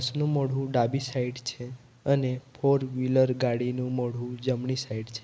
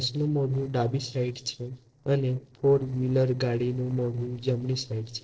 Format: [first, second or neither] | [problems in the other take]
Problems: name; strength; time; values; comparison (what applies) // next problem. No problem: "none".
first | noise reduction (neural separator model SepFormer DNS4)